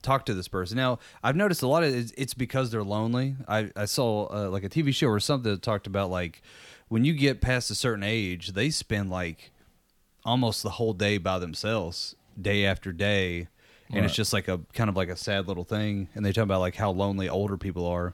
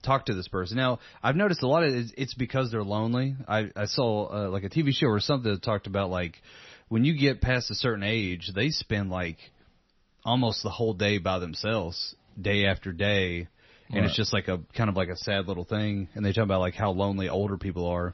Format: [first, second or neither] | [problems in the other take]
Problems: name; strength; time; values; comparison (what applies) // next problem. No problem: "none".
first | garbled, watery; slightly; nothing above 6 kHz